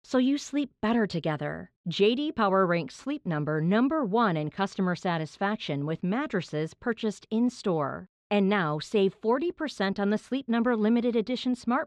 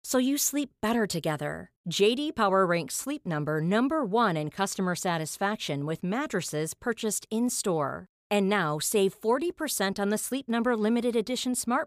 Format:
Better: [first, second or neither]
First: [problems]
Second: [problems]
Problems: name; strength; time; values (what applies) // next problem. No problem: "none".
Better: second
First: muffled; slightly; fading above 4 kHz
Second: none